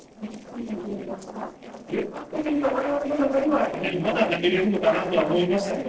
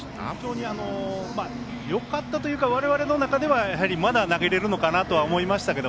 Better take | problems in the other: second | noise reduction (neural separator model SepFormer DNS4)

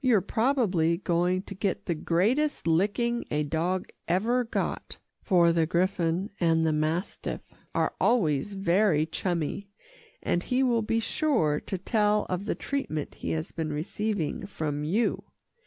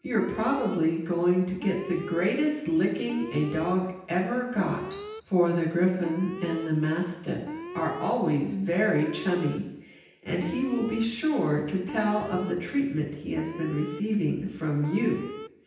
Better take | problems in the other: first | background sound (Alarm); 14 dB below the speech // room echo; dies away in 0.9 s

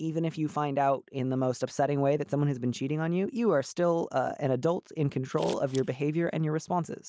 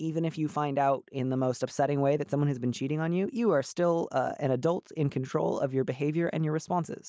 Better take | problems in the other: second | background sound (Scissors); 18 dB below the speech

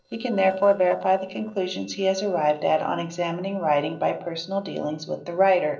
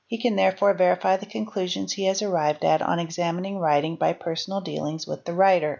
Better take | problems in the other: second | noise reduction (neural separator model SepFormer DNS4)

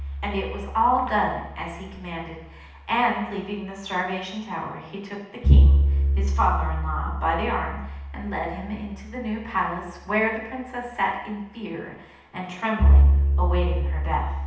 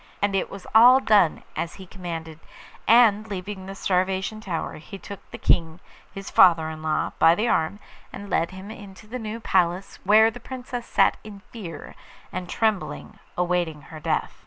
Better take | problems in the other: second | background sound (Bowed string instrument); 4 dB above the speech // room echo; dies away in 0.8 s

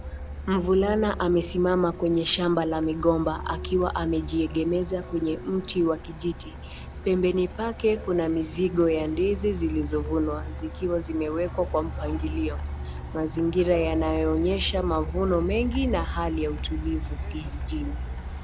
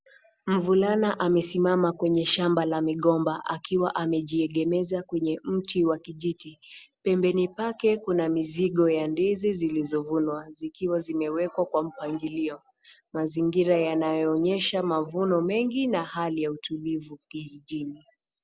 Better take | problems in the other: second | background sound (Truck); 7 dB below the speech

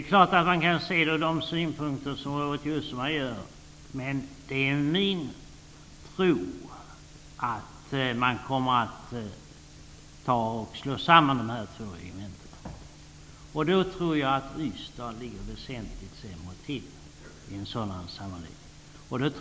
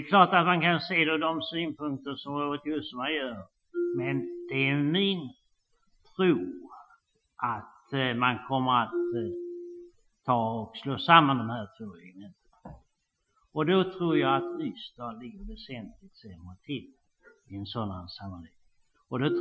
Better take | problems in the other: first | noise reduction (classical method Wiener filter)

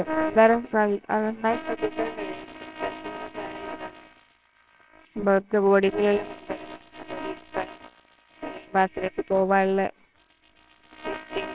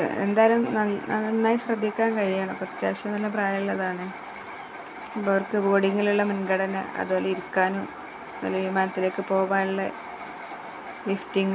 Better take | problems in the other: second | noise reduction (neural separator model SepFormer WHAMR!)

